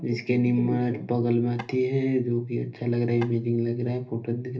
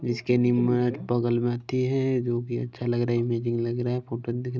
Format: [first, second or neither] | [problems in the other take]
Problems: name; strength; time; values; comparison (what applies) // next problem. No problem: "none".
second | background sound (Tap / Wood); 17 dB below the speech // room echo; dies away in 0.3 s